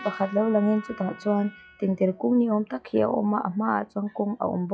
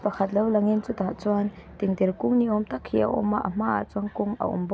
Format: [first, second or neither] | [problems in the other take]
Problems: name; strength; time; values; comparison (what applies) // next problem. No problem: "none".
second | noise reduction (classical method log-MMSE)